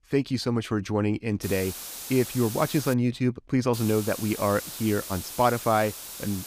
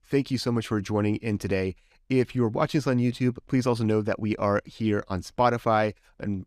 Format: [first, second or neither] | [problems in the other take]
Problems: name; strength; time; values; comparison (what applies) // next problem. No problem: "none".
second | hiss; loud; from 1.5 to 3 s and from 3.5 s on; 10 dB below the speech